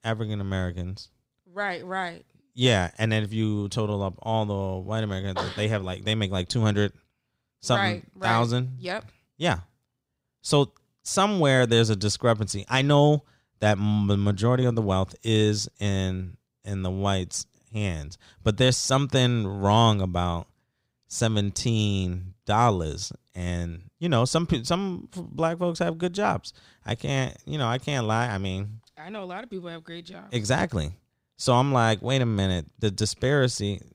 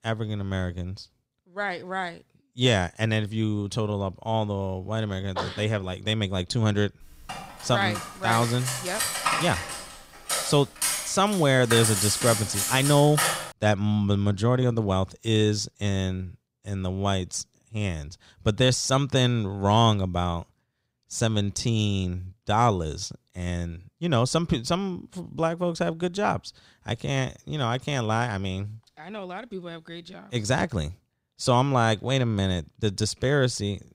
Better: first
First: none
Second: clattering dishes; loud; from 7.5 to 13 s; peak 2 dB above the speech

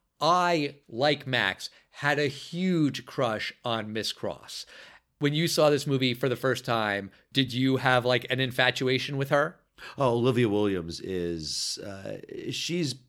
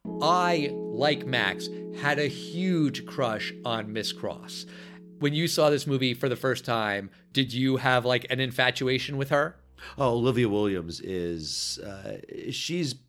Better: first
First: none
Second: background music; noticeable; throughout; 10 dB below the speech

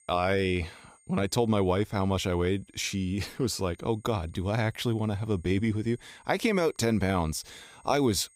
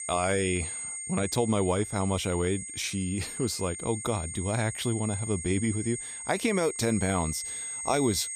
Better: first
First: high-pitched whine; faint; throughout; 8.5 kHz, 30 dB below the speech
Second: high-pitched whine; loud; throughout; 8.5 kHz, 6 dB below the speech

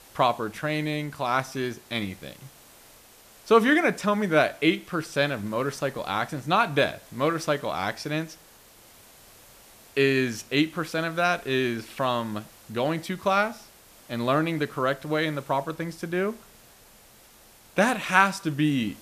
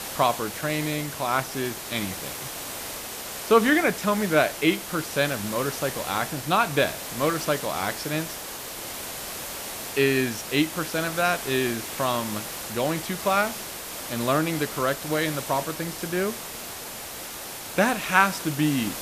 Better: first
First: hiss; faint; throughout; 25 dB below the speech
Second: hiss; loud; throughout; 8 dB below the speech

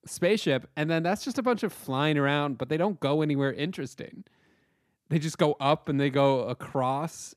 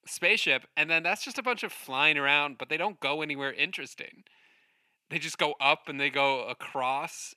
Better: first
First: none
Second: thin; somewhat; fading below 1 kHz

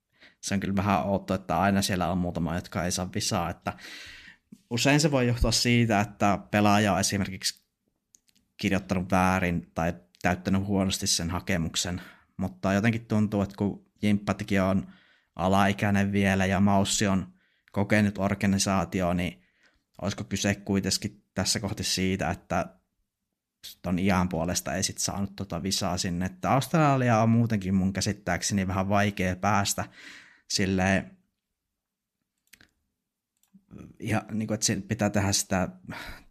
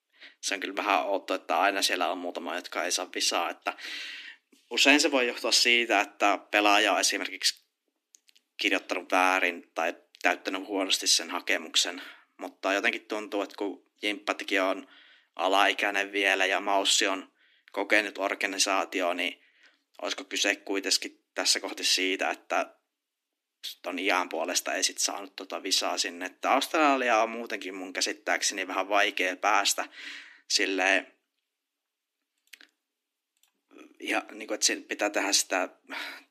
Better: first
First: none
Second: thin; somewhat; fading below 250 Hz

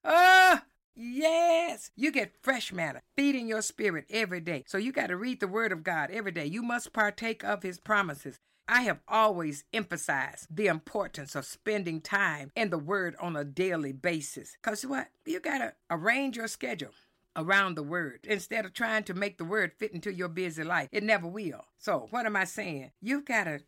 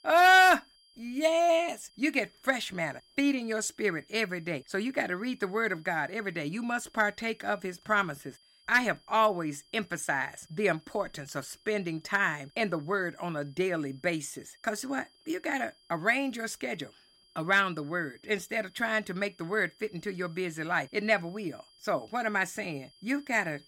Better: first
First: none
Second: high-pitched whine; faint; throughout; 5 kHz, 30 dB below the speech

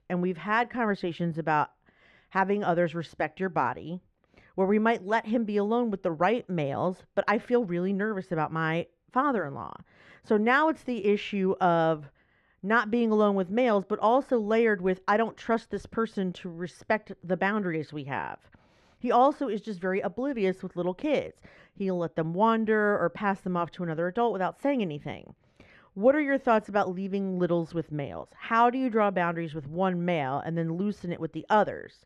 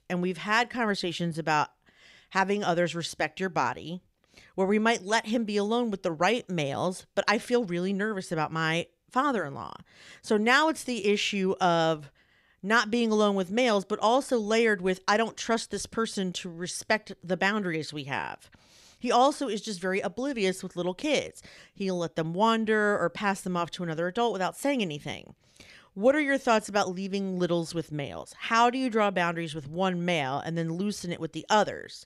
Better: second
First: muffled; very; fading above 3 kHz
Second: none

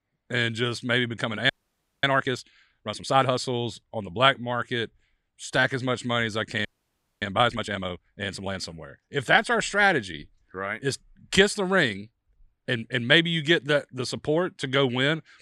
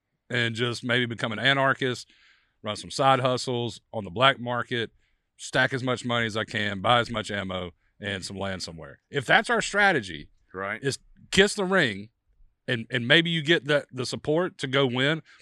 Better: second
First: audio freezing; at 1.5 s for 0.5 s and at 6.5 s for 0.5 s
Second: none

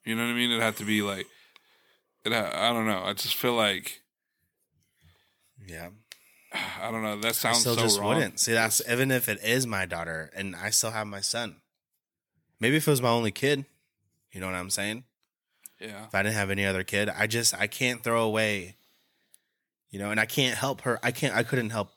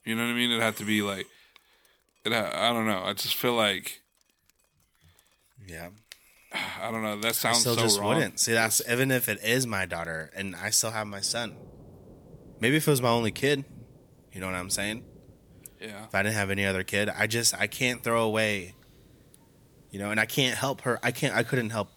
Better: first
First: none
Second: rain or running water; faint; throughout; 30 dB below the speech

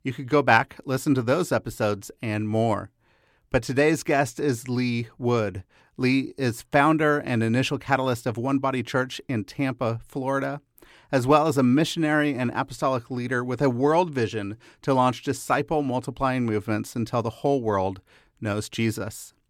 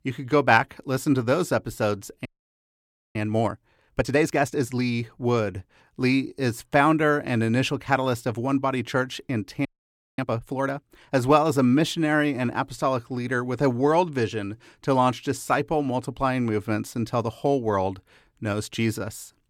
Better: first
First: none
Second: audio freezing; at 2.5 s for 1 s and at 9.5 s for 0.5 s

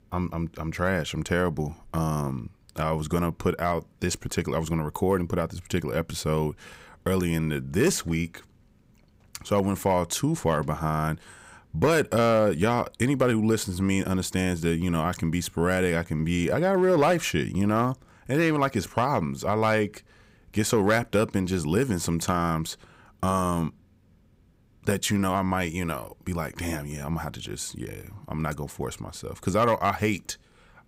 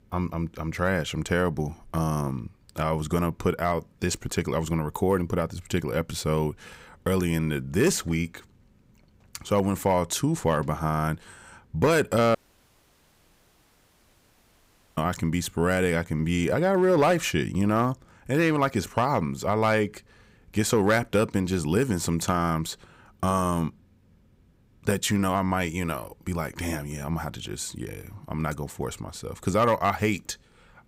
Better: first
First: none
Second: audio cutting out; at 12 s for 2.5 s

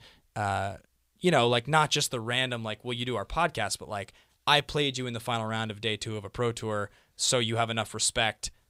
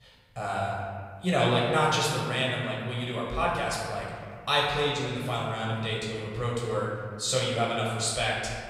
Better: first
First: none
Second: room echo; noticeable; dies away in 1.8 s // off-mic speech; far

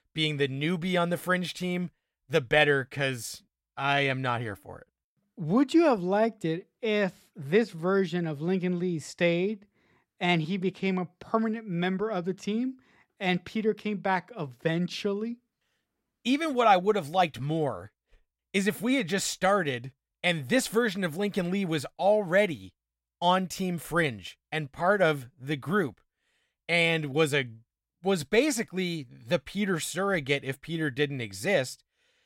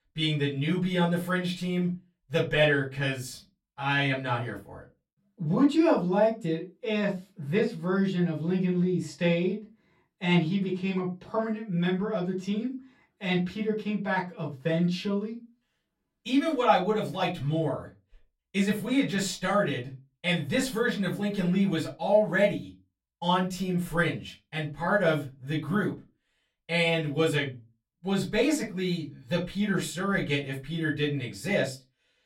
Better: first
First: none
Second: off-mic speech; far // room echo; very slight; dies away in 0.2 s

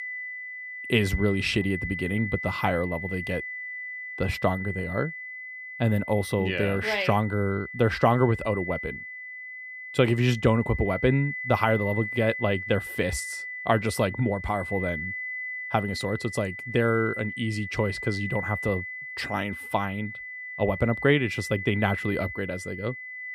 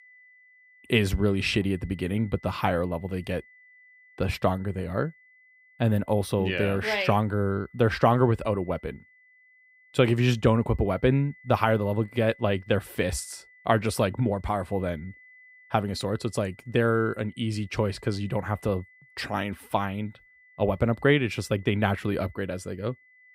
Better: second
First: high-pitched whine; loud; throughout; 2 kHz, 7 dB below the speech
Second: high-pitched whine; faint; throughout; 2 kHz, 25 dB below the speech

